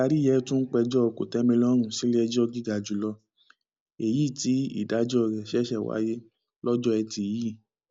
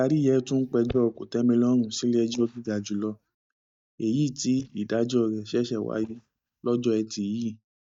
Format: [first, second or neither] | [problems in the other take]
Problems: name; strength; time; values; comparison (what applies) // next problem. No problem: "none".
first | noise reduction (neural mask model DeepFilterNet 3)